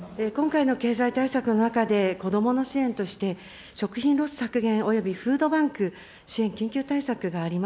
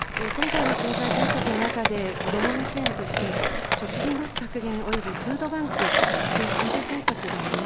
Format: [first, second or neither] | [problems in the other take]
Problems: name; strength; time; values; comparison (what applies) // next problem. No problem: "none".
first | background sound (Skateboard); 4 dB above the speech